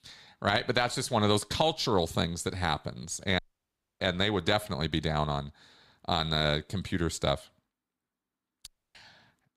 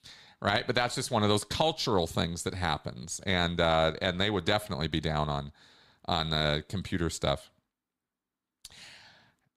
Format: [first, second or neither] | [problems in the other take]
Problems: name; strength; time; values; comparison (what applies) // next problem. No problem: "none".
second | audio cutting out; at 3.5 s for 0.5 s and at 8.5 s